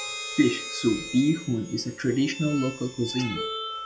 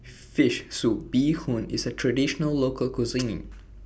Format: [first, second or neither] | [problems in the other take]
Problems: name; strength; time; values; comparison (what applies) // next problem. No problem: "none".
second | noise reduction (classical method log-MMSE)